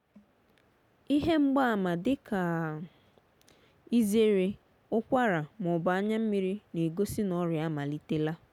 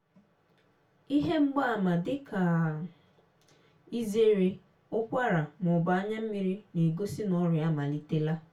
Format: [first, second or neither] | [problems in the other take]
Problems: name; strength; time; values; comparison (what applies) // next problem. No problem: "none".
first | room echo; dies away in 0.2 s